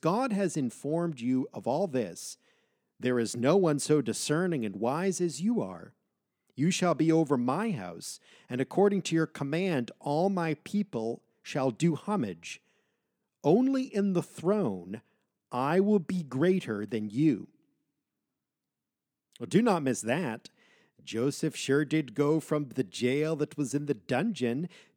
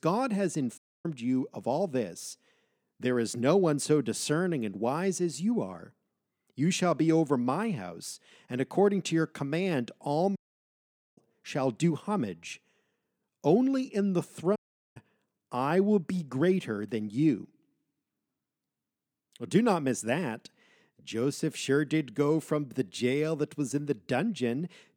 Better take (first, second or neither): first